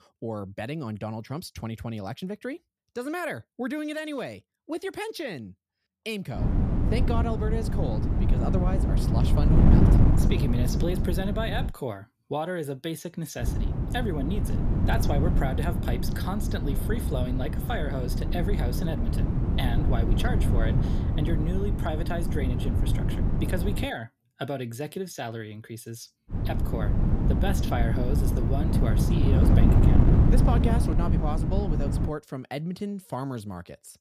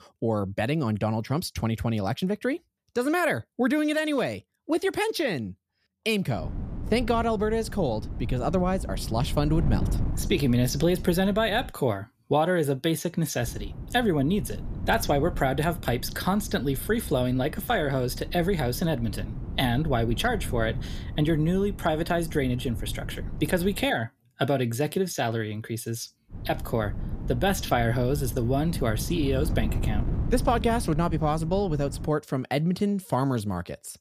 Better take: second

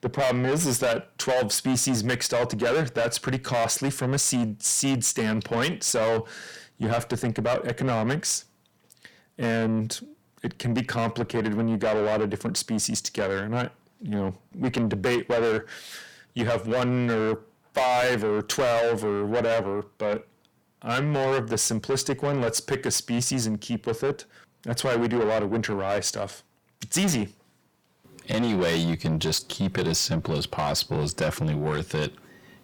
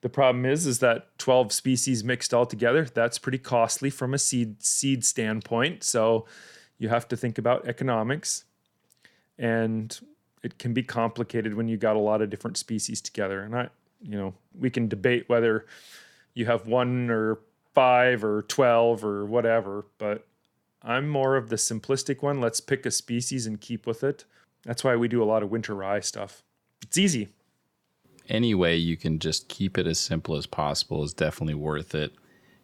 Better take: second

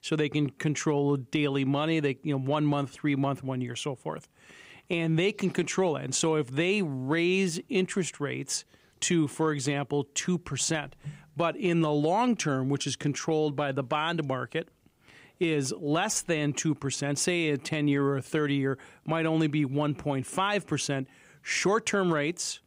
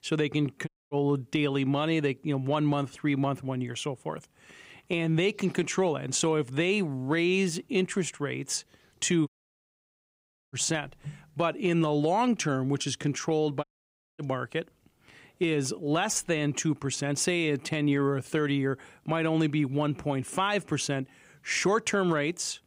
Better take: first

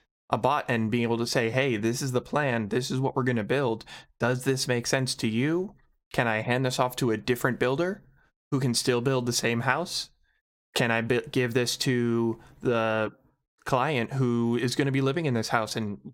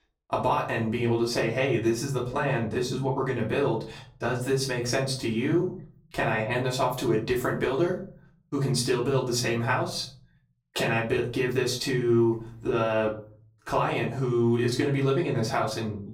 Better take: first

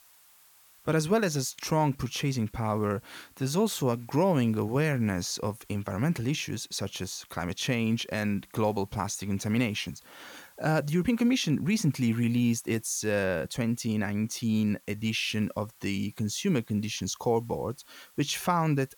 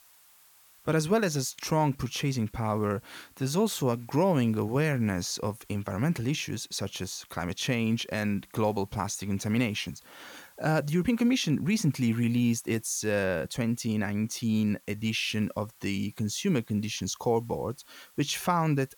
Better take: neither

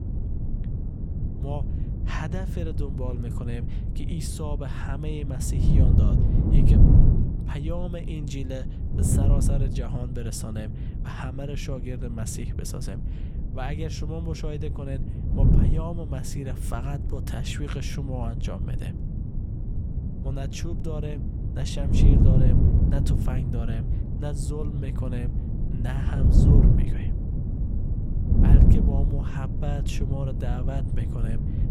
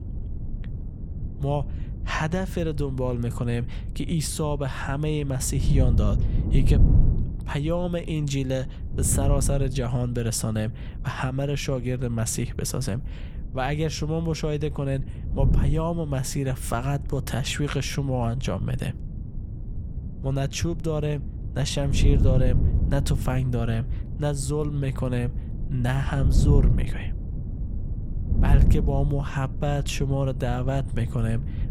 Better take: second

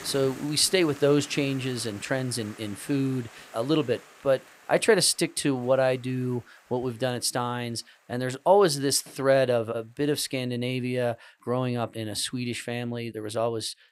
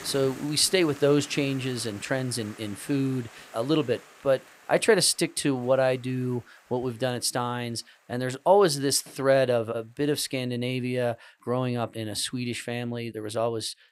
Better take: neither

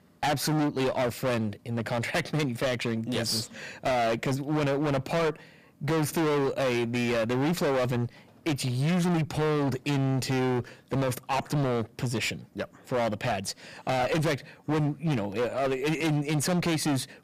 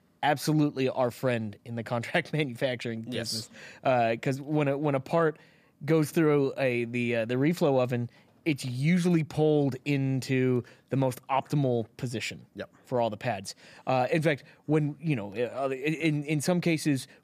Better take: second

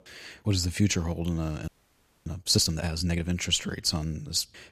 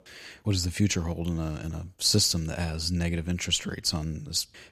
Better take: second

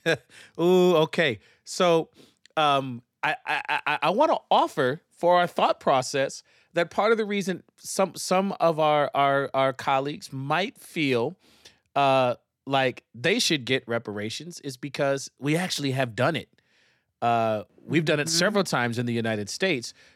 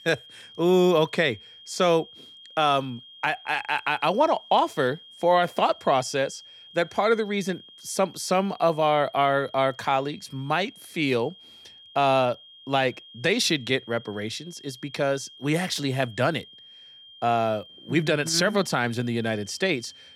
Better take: first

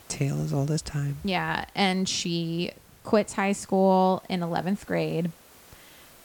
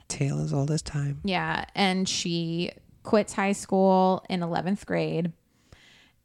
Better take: second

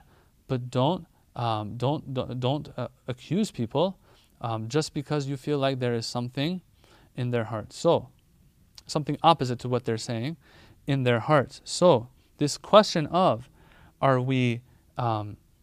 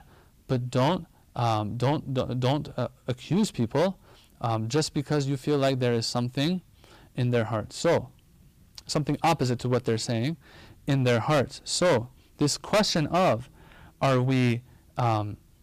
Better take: first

